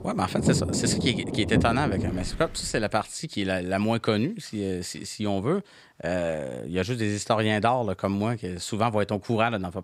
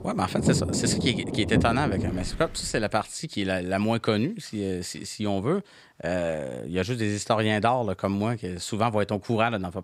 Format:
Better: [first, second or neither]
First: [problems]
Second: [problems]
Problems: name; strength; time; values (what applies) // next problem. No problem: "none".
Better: neither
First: rain or running water; loud; until 2.5 s; 2 dB below the speech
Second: rain or running water; loud; until 2.5 s; 2 dB below the speech